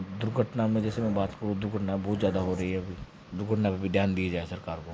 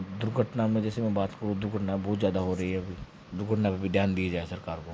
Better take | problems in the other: second | background sound (Dog); 16 dB below the speech

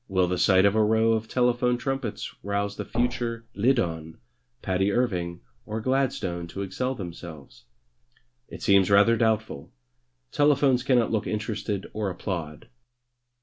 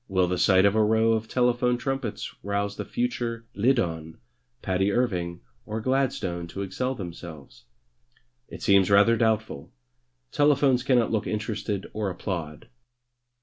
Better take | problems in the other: second | background sound (Thump, thud); 7 dB below the speech

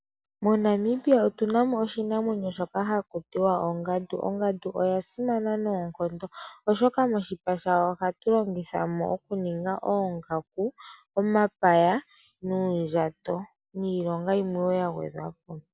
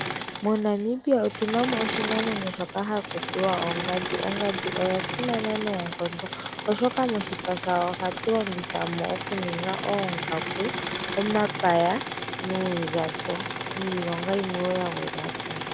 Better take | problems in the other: first | background sound (Engine / Mechanisms); 5 dB below the speech

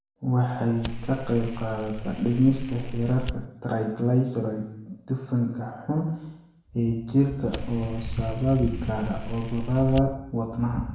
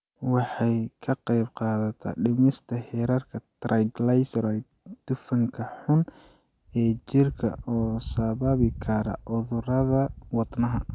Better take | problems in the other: second | background sound (Fire); 9 dB below the speech // room echo; dies away in 0.8 s

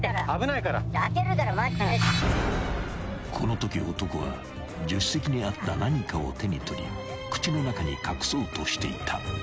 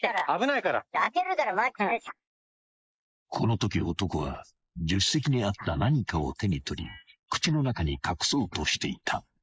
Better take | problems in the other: first | noise reduction (neural mask model Resemble Enhance denoiser)

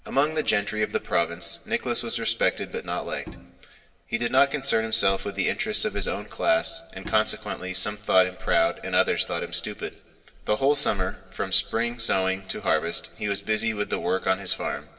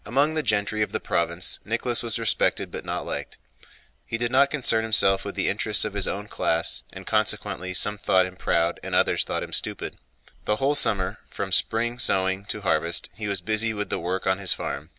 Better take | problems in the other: second | background sound (Bowed string instrument); 18 dB below the speech // room echo; dies away in 1.7 s

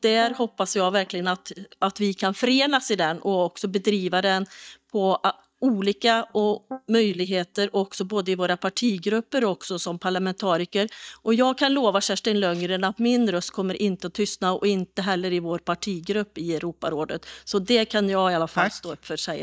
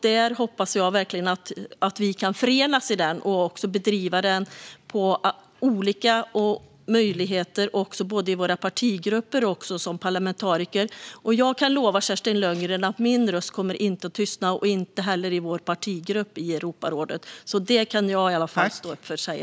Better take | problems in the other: second | noise reduction (neural mask model DeepFilterNet 3)

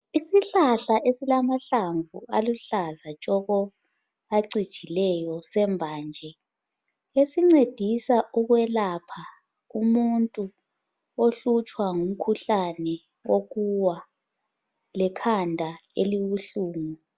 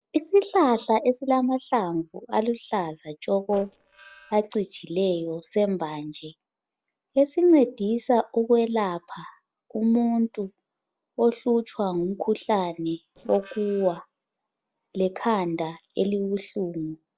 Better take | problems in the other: first | noise reduction (neural separator model SepFormer DNS4)

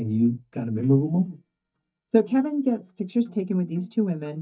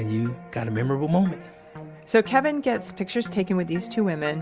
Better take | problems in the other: second | noise reduction (neural mask model DeepFilterNet 3)

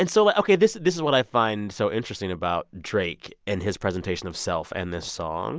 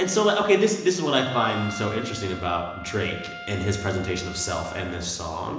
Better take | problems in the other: first | background sound (Trumpet); 15 dB below the speech // room echo; dies away in 1 s

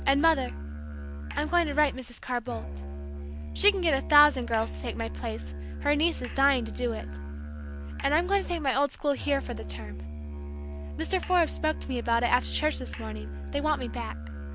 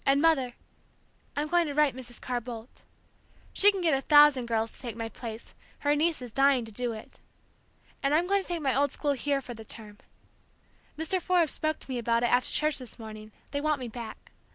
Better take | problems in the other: second | background sound (Musical instrument); 7 dB below the speech

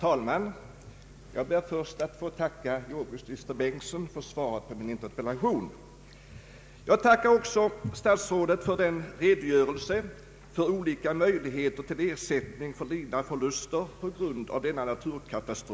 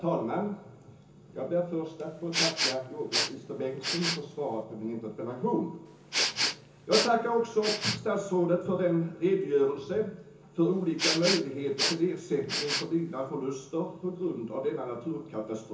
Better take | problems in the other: first | background sound (Respiratory sounds); 2 dB below the speech // room echo; dies away in 0.7 s

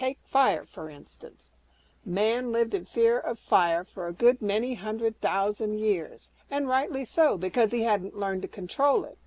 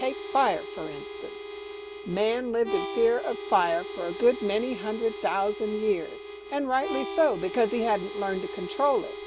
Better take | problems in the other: first | background sound (Harmonica); 9 dB below the speech

